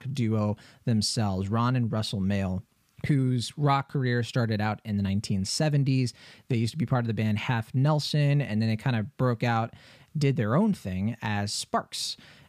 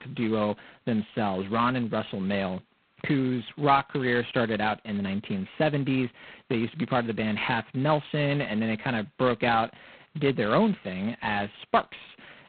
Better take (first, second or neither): first